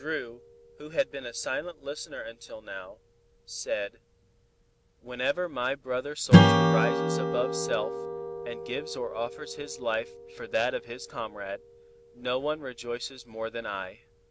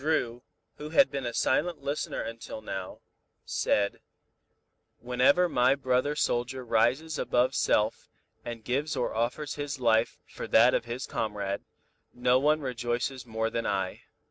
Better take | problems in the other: second | background sound (Strum); 4 dB above the speech

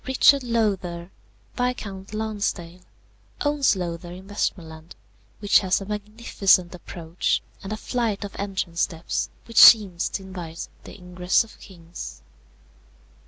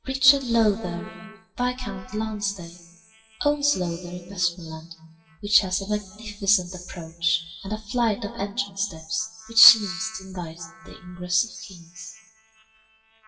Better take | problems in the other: first | noise reduction (classical method WPE with log-MMSE)

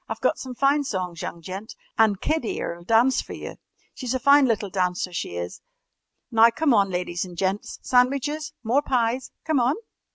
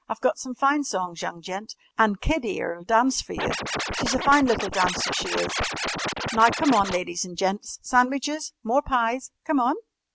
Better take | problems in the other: first | background sound (Scratching (performance technique)); 4 dB below the speech

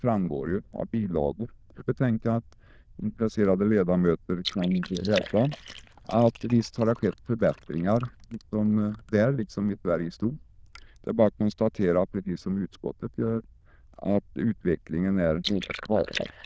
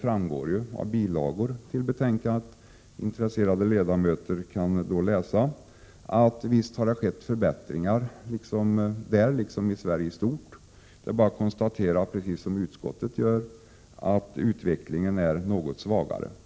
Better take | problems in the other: second | noise reduction (neural diffusion model UNIVERSE++)

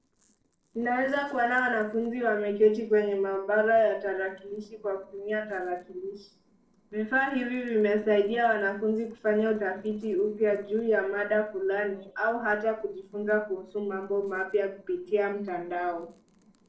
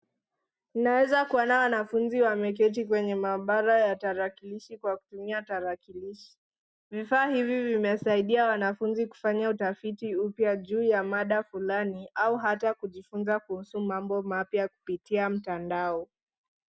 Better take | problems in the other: second | noise reduction (neural separator model SepFormer DNS4)

